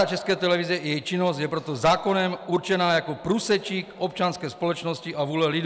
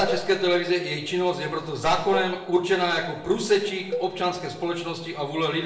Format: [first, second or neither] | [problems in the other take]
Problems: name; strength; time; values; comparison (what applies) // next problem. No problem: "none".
first | background sound (Cowbell); 13 dB below the speech // room echo; dies away in 0.6 s